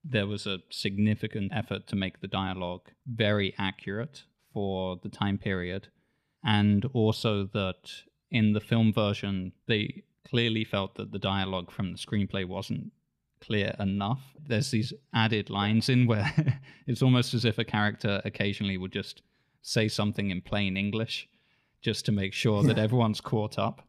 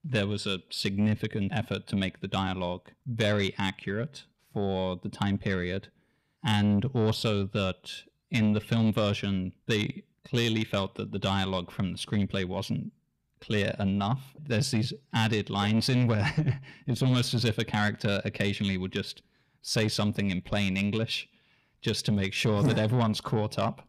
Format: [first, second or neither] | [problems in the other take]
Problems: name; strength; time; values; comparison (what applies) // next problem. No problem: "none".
first | distortion; slight; 10 dB below the speech